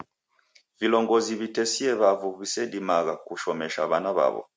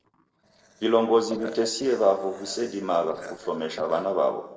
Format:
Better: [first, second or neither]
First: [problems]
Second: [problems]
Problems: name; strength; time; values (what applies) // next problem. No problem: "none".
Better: first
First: none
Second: noise reduction (neural separator model SepFormer DNS4)